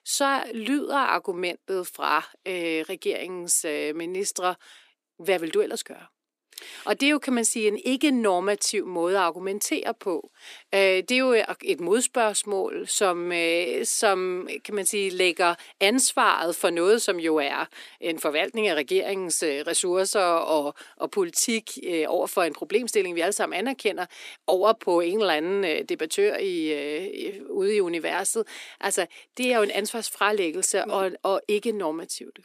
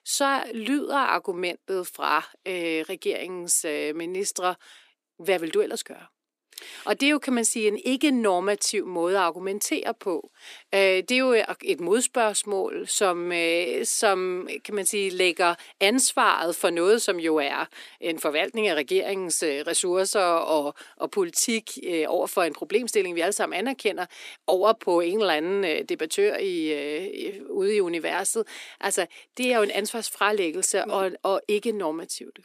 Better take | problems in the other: neither | thin; somewhat; fading below 300 Hz; the same in both

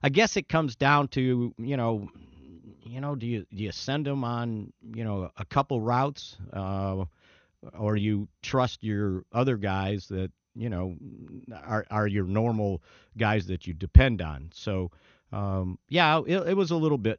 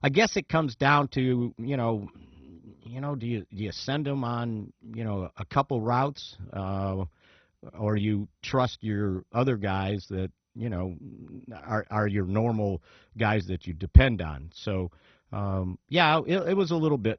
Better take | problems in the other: first | garbled, watery; badly; nothing above 6 kHz; slightly in the first

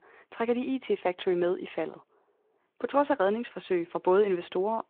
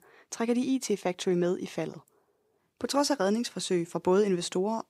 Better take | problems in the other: second | phone-call audio

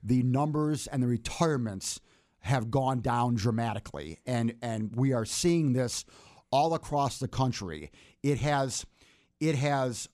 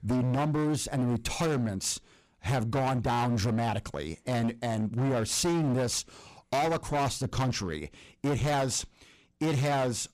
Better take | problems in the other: first | distortion; heavy; 20% of the sound clipped

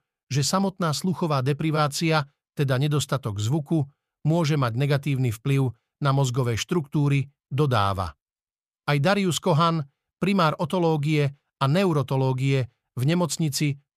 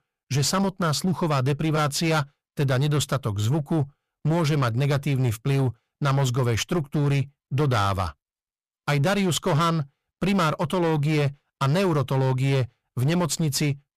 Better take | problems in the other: first | distortion; slight; 18% of the sound clipped

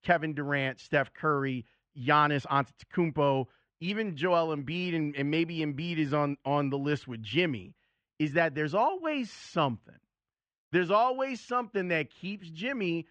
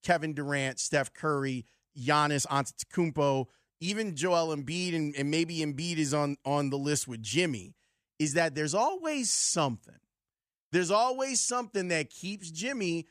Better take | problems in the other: second | muffled; very; fading above 3 kHz

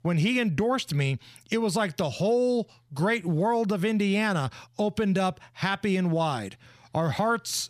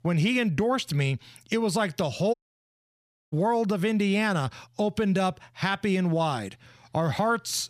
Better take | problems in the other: first | audio cutting out; at 2.5 s for 1 s

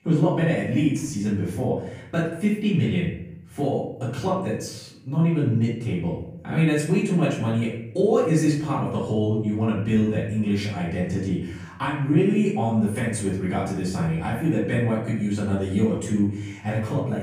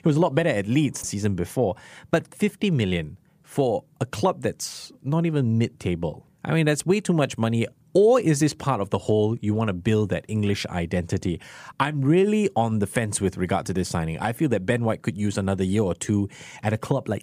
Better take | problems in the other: second | off-mic speech; far // room echo; noticeable; dies away in 0.7 s

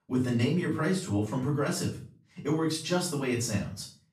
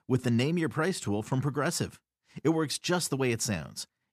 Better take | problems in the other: second | off-mic speech; far // room echo; slight; dies away in 0.4 s

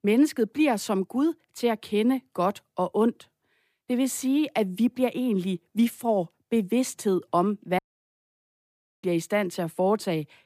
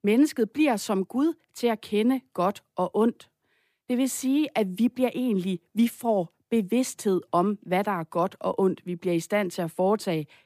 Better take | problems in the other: second | audio cutting out; at 8 s for 1 s

